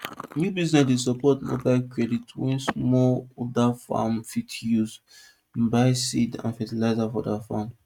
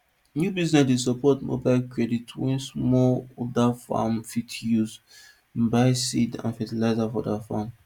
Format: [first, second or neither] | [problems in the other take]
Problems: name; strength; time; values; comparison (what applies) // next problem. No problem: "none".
second | noise reduction (neural mask model RNNoise)